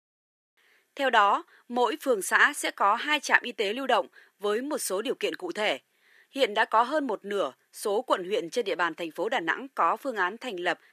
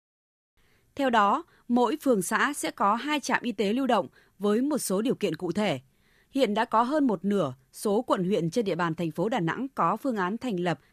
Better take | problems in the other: second | thin; somewhat; fading below 350 Hz

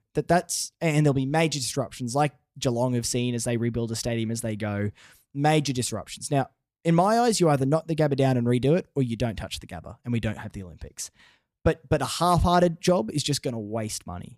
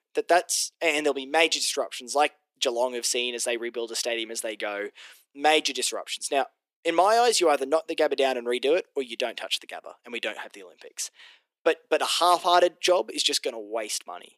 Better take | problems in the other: first | thin; very; fading below 350 Hz

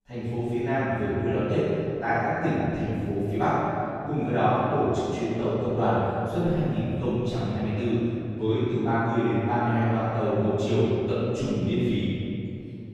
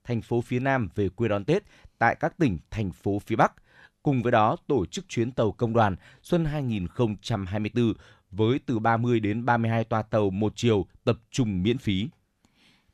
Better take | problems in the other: second | off-mic speech; far // room echo; strong; dies away in 2.6 s

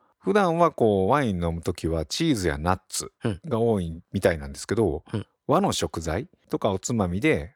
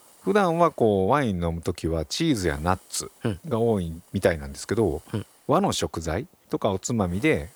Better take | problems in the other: first | hiss; faint; throughout; 30 dB below the speech

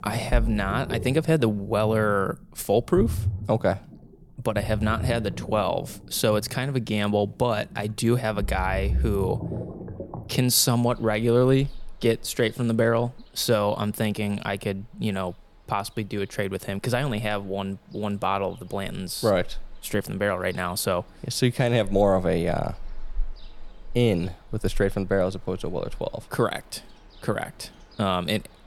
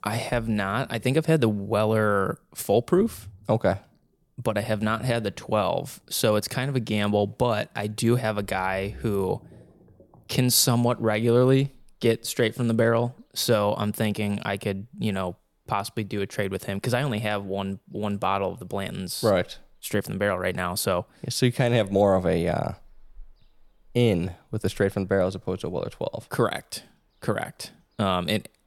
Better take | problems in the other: second | rain or running water; loud; throughout; 9 dB below the speech; faint in the second

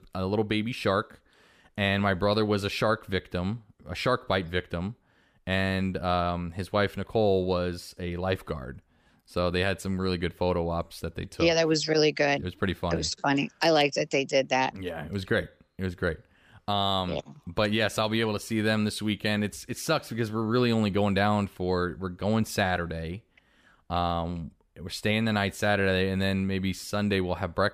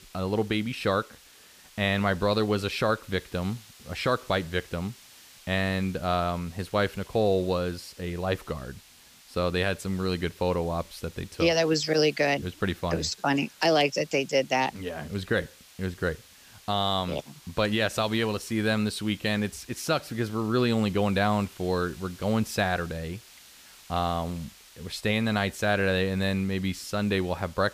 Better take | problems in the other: first | hiss; faint; throughout; 20 dB below the speech

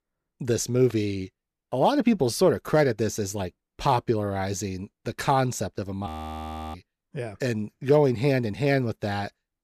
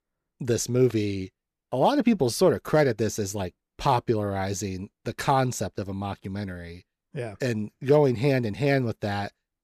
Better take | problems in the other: second | audio freezing; at 6 s for 0.5 s

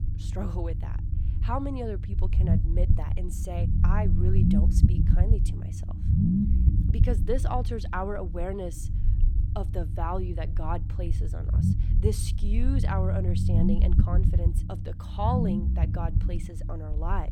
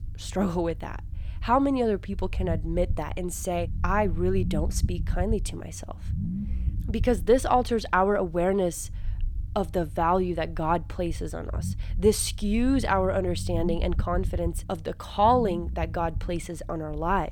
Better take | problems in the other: second | low rumble; loud; throughout; 4 dB below the speech; faint in the second

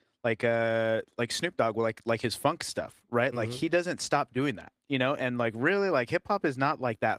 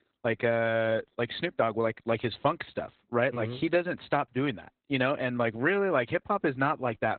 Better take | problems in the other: first | garbled, watery; badly; nothing above 4 kHz; slightly in the first

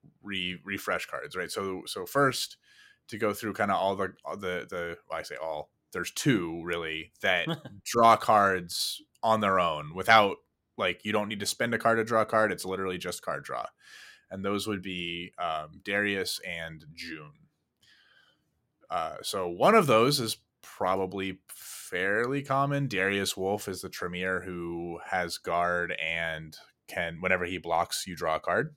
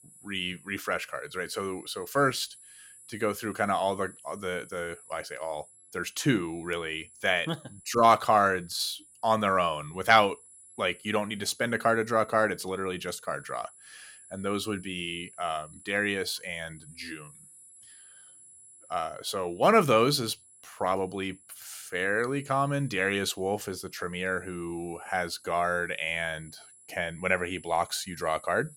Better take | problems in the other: first | high-pitched whine; faint; throughout; 10.5 kHz, 20 dB below the speech

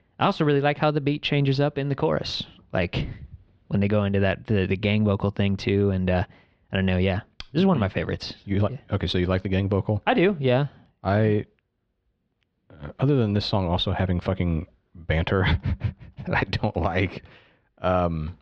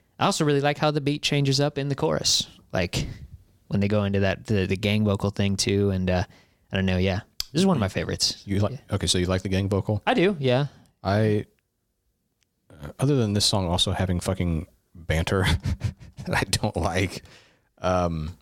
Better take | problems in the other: second | muffled; slightly; fading above 3.5 kHz

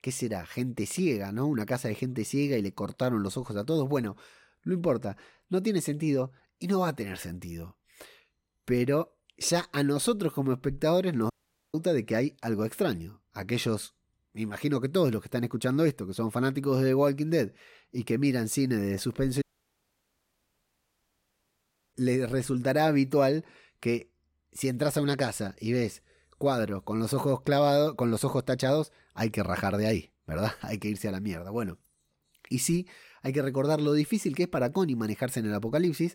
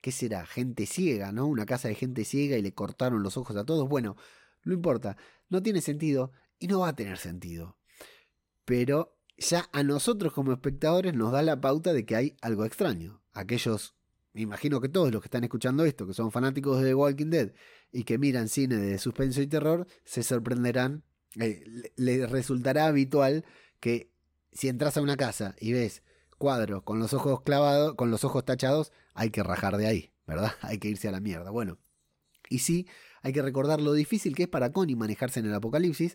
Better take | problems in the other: second | audio cutting out; at 11 s and at 19 s for 2.5 s

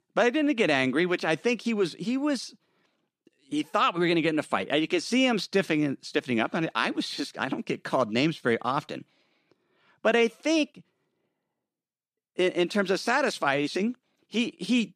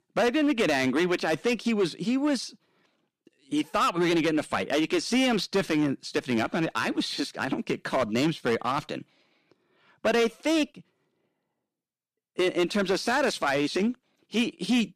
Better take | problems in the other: first | distortion; slight; 7% of the sound clipped

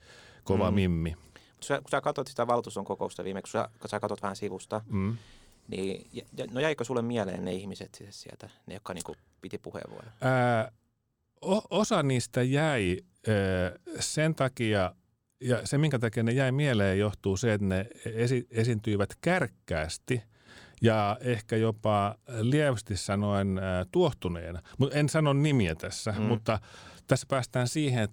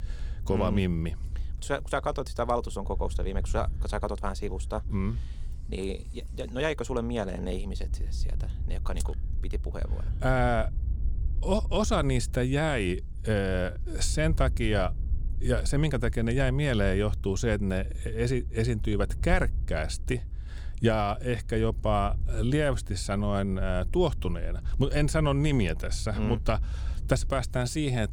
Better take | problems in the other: first | low rumble; faint; throughout; 25 dB below the speech

